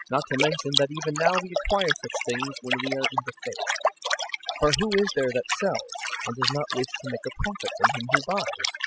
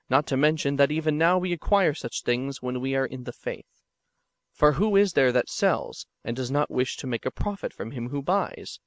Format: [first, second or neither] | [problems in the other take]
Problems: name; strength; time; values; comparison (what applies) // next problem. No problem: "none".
second | noise reduction (classical method spectral subtraction)